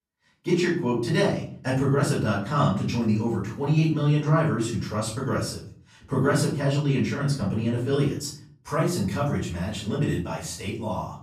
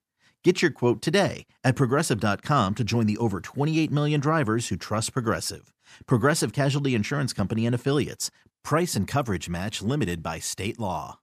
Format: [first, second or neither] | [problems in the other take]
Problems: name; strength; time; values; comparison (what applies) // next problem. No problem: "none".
second | off-mic speech; far // room echo; noticeable; dies away in 0.5 s